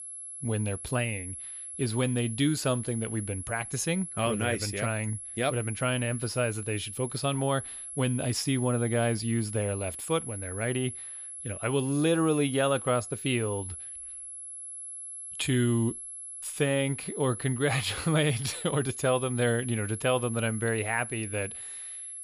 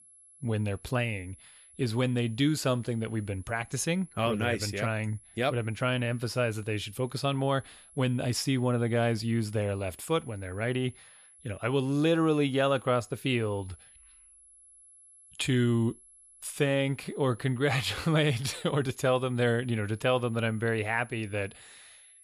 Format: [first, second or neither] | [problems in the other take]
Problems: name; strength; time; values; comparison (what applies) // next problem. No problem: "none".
second | high-pitched whine; loud; throughout; 11 kHz, 8 dB below the speech; faint in the second